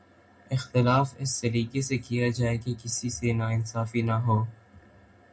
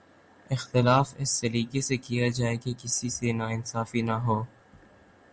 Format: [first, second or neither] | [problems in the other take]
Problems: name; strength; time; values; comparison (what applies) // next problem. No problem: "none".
second | room echo; dies away in 0.2 s